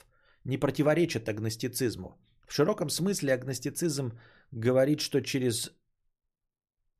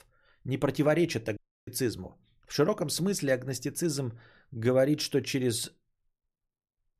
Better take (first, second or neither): first